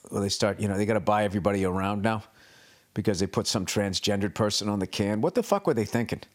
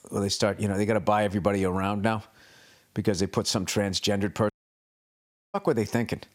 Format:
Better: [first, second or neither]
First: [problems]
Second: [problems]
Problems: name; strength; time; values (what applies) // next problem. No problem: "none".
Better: first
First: none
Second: audio cutting out; at 4.5 s for 1 s